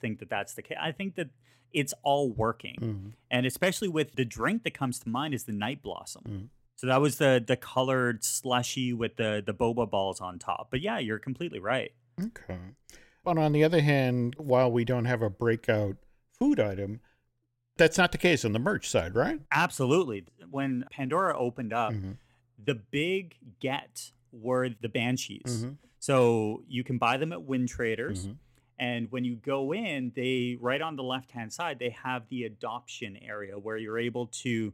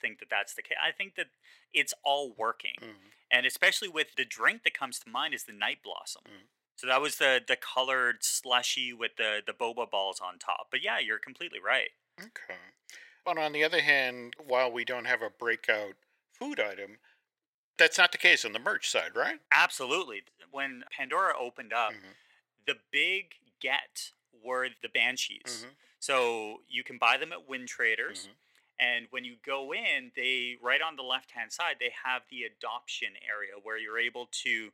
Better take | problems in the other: first | thin; very; fading below 600 Hz

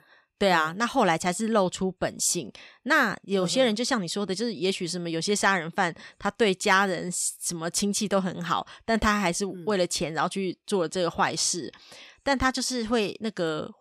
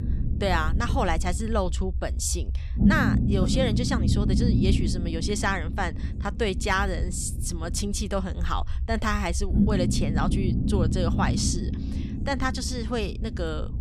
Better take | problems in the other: first | low rumble; loud; throughout; 7 dB below the speech

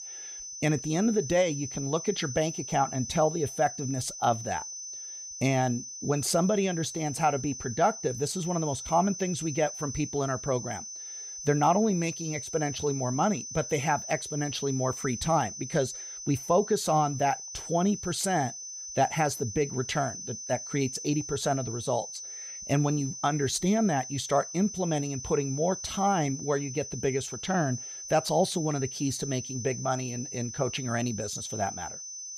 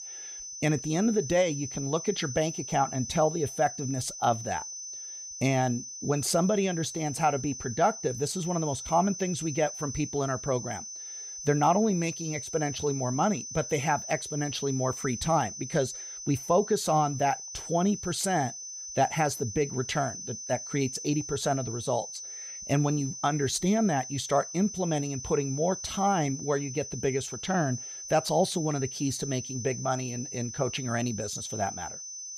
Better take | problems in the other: neither | high-pitched whine; loud; throughout; 6 kHz, 8 dB below the speech; the same in both

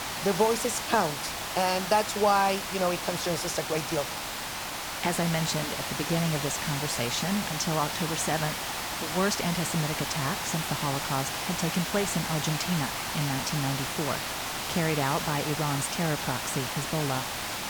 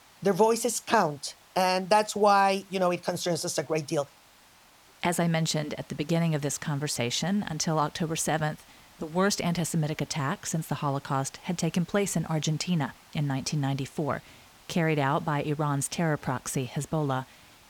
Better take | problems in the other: second | hiss; loud; throughout; 2 dB below the speech; faint in the second

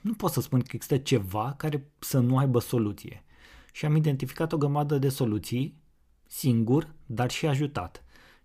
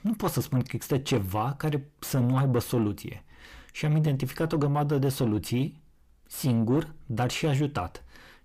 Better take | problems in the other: first | distortion; slight; 10 dB below the speech

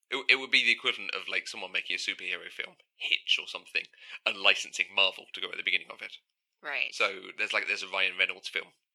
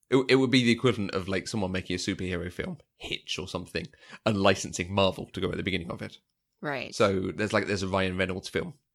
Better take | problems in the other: second | thin; very; fading below 600 Hz

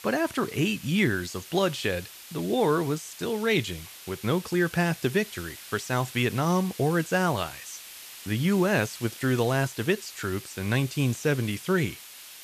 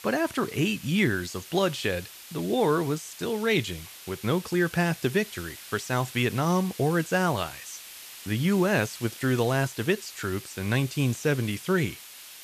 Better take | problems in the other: neither | hiss; noticeable; throughout; 15 dB below the speech; the same in both

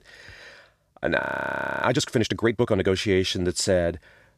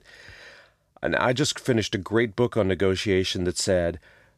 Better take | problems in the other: second | audio freezing; at 1 s for 0.5 s

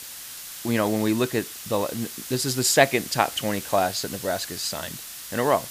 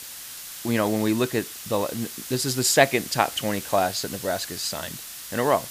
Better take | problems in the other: neither | hiss; loud; throughout; 10 dB below the speech; the same in both

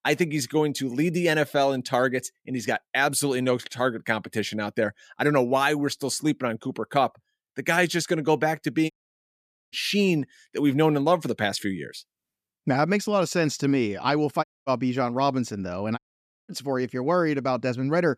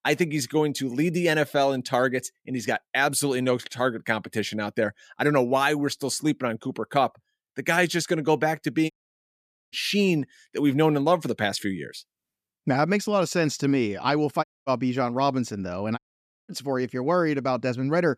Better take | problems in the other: neither | audio cutting out; at 9 s for 1 s, at 14 s and at 16 s for 0.5 s; the same in both

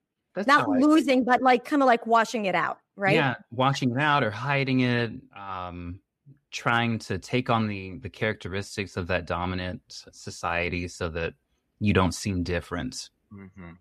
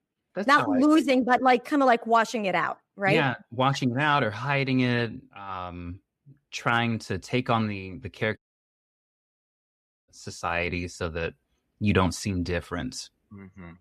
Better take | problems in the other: first | audio cutting out; at 8.5 s for 1.5 s

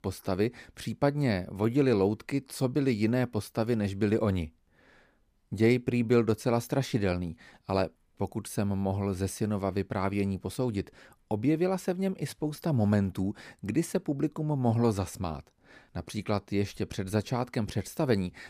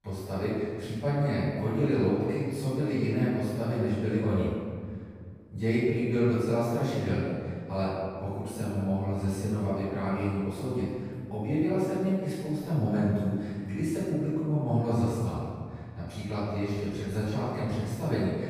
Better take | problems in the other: first | off-mic speech; far // room echo; strong; dies away in 1.8 s

